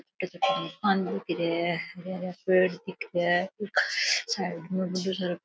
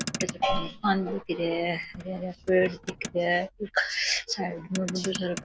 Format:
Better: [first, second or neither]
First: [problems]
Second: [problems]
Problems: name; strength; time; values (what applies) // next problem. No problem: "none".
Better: first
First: none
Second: background sound (Motor vehicle (road) + Whoosh, swoosh, swish); 10 dB below the speech